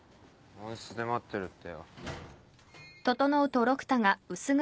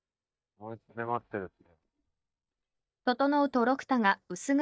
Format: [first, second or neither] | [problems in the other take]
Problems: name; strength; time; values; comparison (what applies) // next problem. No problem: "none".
first | noise reduction (neural mask model DeepFilterNet 3)